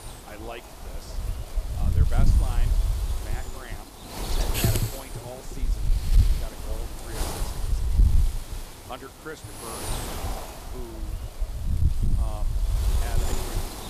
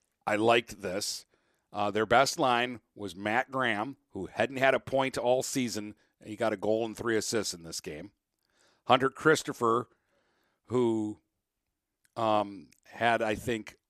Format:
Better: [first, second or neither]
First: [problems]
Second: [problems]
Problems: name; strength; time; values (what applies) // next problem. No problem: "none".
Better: second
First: wind noise on the microphone; heavy; 4 dB above the speech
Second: none